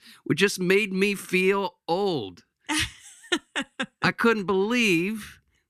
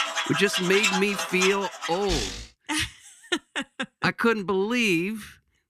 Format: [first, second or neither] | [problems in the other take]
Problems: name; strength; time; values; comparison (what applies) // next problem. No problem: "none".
first | machinery noise; loud; until 1.5 s; 2 dB below the speech